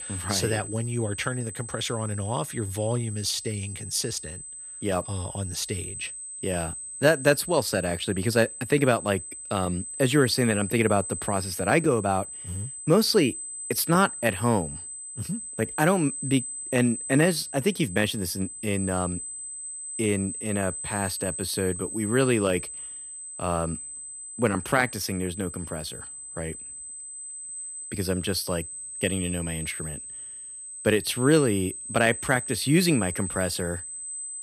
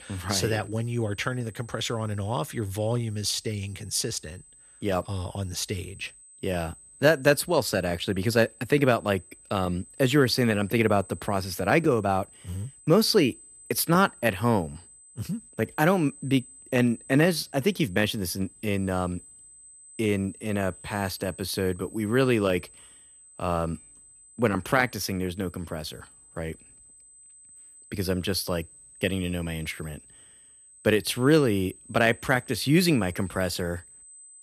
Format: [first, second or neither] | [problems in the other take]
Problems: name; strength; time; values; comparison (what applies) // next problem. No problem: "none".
second | high-pitched whine; loud; throughout; 8 kHz, 8 dB below the speech; faint in the second